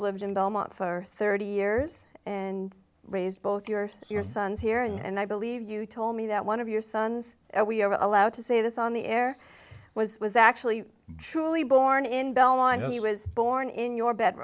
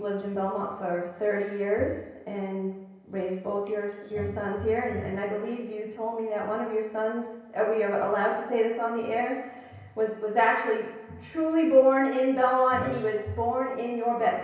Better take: first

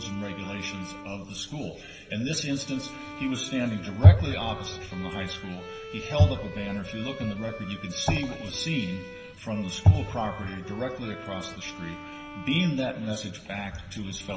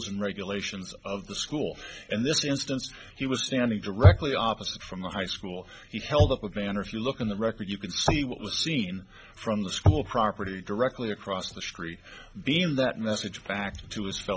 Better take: second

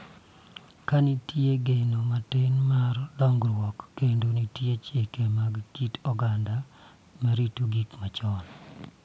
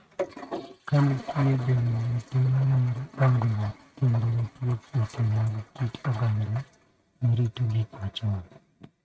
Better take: first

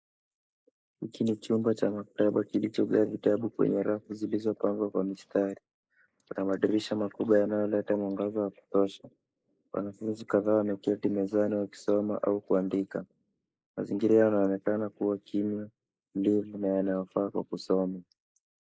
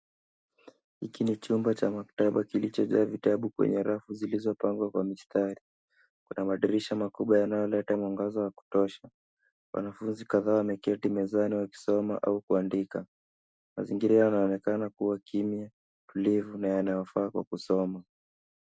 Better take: second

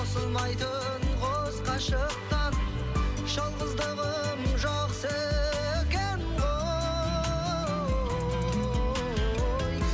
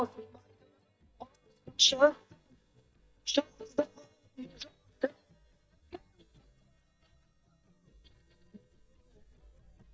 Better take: first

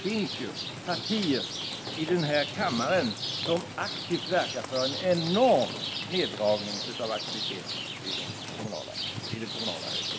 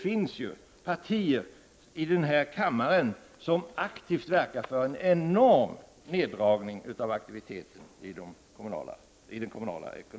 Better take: second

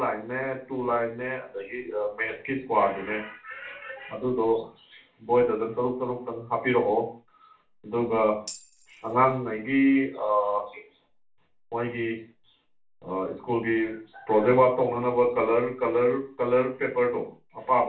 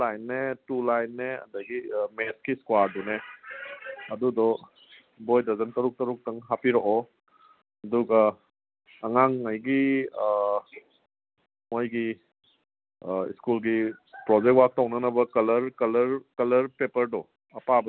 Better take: second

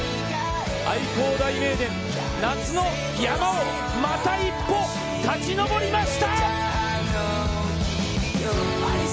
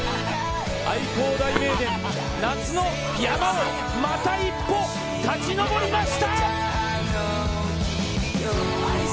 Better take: first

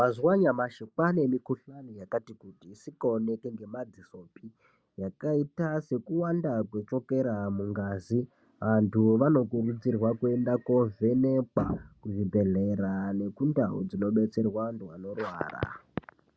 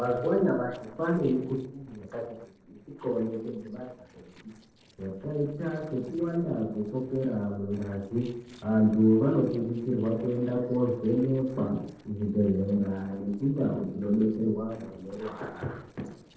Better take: first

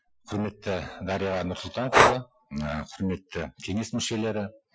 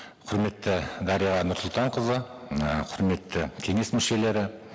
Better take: second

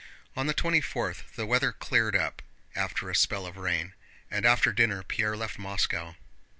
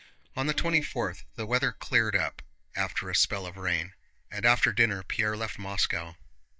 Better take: first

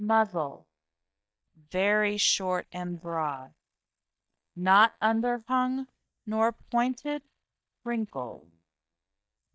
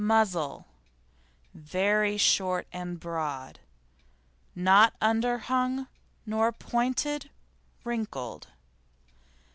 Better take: second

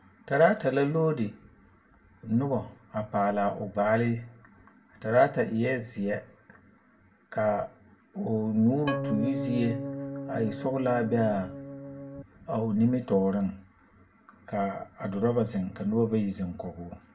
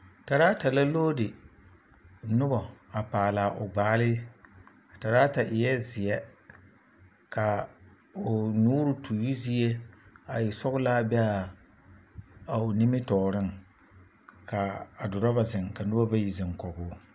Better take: second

